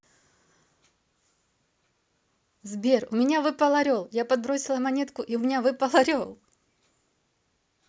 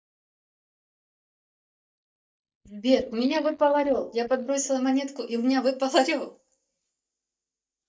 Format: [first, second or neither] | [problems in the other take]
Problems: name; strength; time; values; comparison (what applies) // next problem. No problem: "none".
first | noise reduction (neural mask model DeepFilterNet 3)